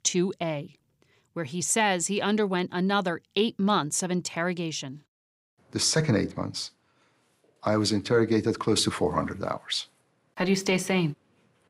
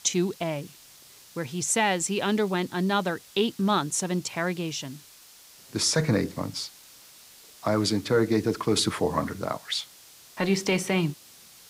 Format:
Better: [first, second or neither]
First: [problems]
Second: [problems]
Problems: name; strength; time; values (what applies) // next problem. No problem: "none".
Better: first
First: none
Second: hiss; faint; throughout; 20 dB below the speech